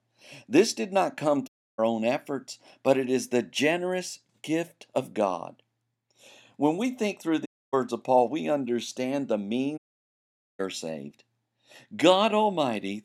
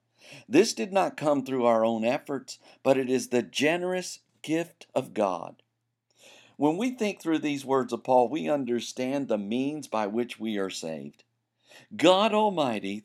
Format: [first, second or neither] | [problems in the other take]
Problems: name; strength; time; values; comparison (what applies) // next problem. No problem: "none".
second | audio cutting out; at 1.5 s, at 7.5 s and at 10 s for 1 s